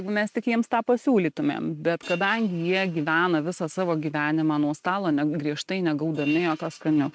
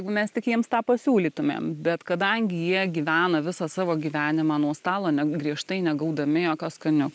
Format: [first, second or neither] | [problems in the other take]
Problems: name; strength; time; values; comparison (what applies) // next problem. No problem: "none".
second | noise reduction (neural mask model RNNoise)